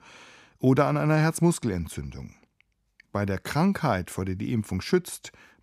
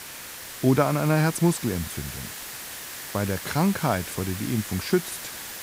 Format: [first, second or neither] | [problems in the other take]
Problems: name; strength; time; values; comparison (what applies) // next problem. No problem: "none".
first | hiss; loud; throughout; 10 dB below the speech